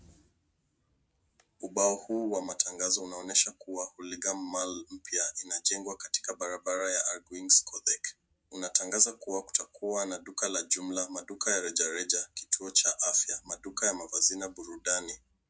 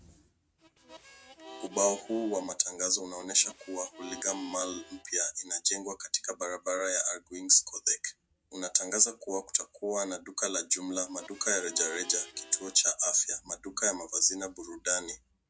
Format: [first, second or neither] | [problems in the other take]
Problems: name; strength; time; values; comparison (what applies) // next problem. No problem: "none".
first | background sound (Harmonica); 19 dB below the speech